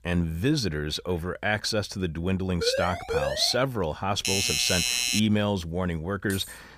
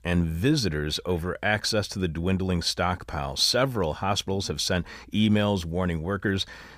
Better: second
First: siren; noticeable; at 2.5 s; peak 1 dB below the speech // doorbell; loud; at 4 s; peak 4 dB above the speech // jangling keys; faint; at 6.5 s; peak 10 dB below the speech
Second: none

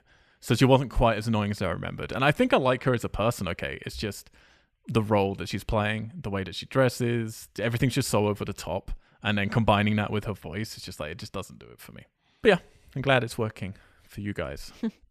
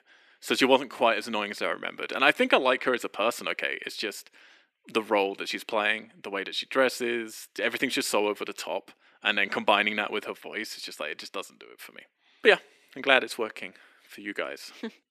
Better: first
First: none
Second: thin; somewhat; fading below 300 Hz

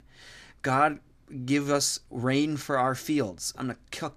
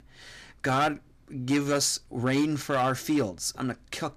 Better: first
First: none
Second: distortion; slight; 5% of the sound clipped

